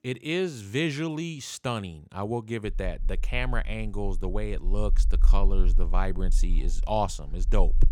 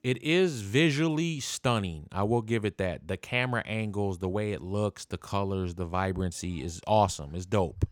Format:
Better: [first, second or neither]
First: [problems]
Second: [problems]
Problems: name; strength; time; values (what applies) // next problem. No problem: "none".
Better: second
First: low rumble; faint; from 2.5 s on; 25 dB below the speech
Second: none